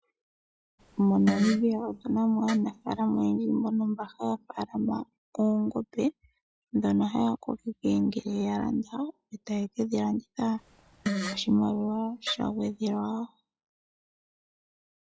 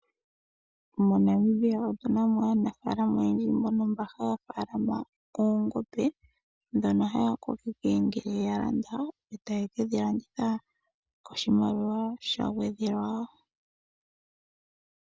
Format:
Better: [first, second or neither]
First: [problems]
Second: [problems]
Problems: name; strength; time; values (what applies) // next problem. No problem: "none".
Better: second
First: noise reduction (classical method log-MMSE)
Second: none